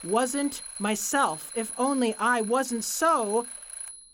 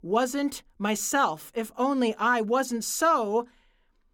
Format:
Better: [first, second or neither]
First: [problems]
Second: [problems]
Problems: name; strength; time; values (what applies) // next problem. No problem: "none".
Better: second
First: alarm; noticeable; peak 7 dB below the speech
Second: none